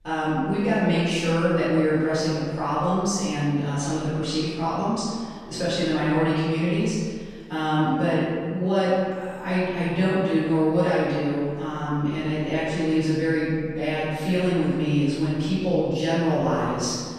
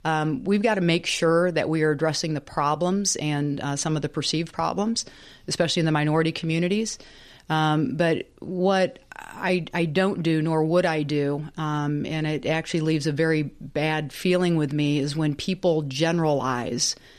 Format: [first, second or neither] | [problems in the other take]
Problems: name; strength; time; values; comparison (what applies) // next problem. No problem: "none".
second | room echo; strong; dies away in 1.7 s // off-mic speech; far